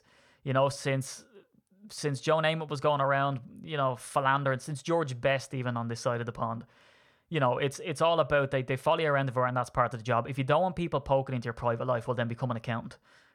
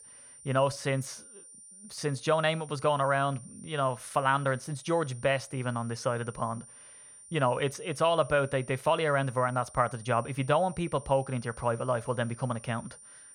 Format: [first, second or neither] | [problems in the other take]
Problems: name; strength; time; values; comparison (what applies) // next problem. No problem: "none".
first | high-pitched whine; noticeable; throughout; 9 kHz, 20 dB below the speech